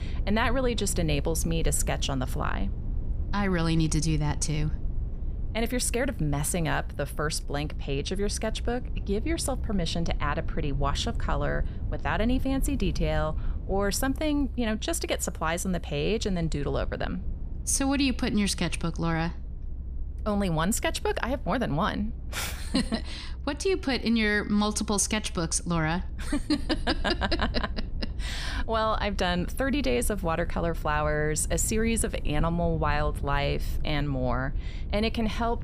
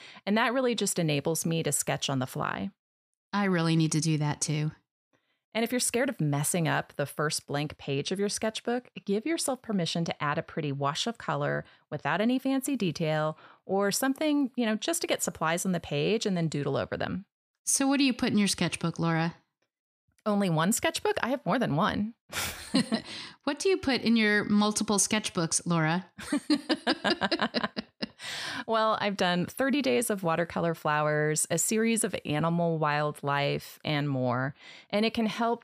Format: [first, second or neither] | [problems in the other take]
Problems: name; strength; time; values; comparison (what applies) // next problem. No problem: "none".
second | low rumble; faint; throughout; 20 dB below the speech